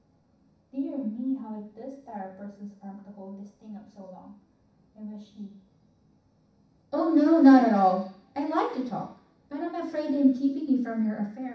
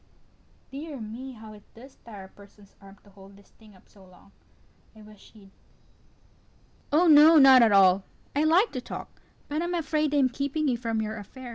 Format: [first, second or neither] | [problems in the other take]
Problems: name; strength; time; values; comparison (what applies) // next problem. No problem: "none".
second | room echo; dies away in 0.7 s